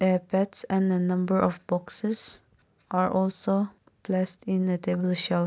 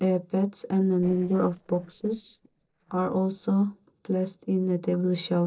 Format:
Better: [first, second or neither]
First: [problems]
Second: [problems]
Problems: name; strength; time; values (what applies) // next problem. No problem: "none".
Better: first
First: none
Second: noise reduction (neural separator model SepFormer DNS4)